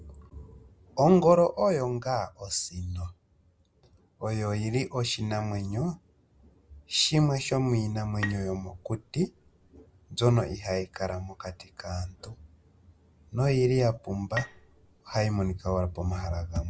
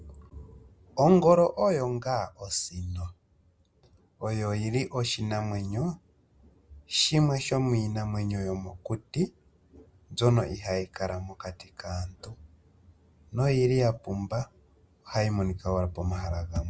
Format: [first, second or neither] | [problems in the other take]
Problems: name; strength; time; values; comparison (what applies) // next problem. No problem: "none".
second | background sound (Bowed string instrument); 14 dB below the speech